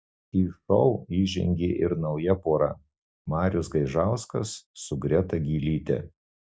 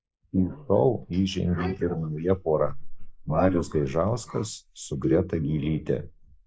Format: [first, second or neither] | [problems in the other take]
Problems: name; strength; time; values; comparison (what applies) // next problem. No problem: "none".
first | noise reduction (neural mask model Resemble Enhance denoiser)